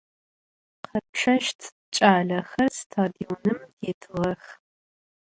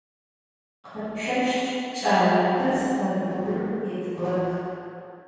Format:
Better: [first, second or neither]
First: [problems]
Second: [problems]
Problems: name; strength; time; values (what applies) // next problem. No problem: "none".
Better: first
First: none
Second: room echo; dies away in 2.2 s